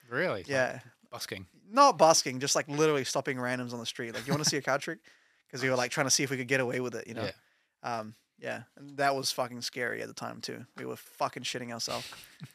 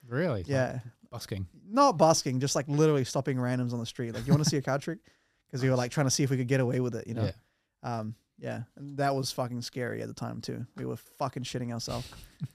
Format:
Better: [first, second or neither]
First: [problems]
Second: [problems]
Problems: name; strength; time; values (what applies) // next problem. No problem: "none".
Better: second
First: thin; somewhat; fading below 600 Hz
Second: none